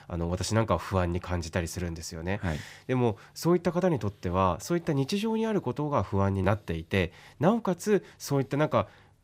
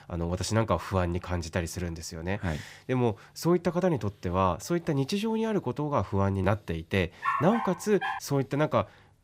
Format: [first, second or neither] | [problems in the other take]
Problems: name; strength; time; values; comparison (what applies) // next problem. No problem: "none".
first | dog barking; noticeable; at 7 s; peak 1 dB below the speech